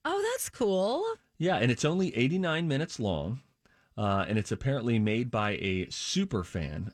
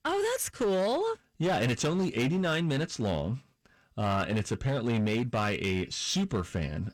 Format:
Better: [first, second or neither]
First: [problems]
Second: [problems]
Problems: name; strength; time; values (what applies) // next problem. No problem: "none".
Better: first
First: none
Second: distortion; slight; 13% of the sound clipped